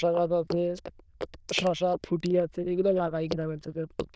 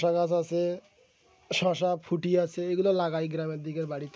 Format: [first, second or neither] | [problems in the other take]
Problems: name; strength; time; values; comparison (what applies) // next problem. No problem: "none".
second | noise reduction (neural diffusion model UNIVERSE++)